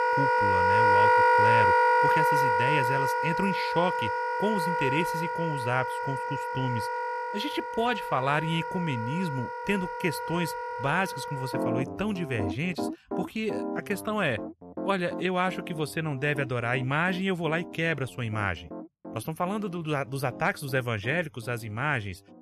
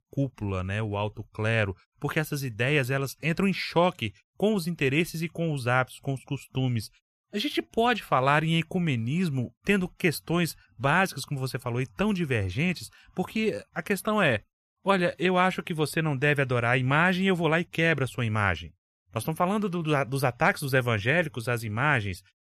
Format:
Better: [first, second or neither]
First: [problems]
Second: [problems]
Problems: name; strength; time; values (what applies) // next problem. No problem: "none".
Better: second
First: background music; very loud; throughout; 3 dB above the speech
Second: none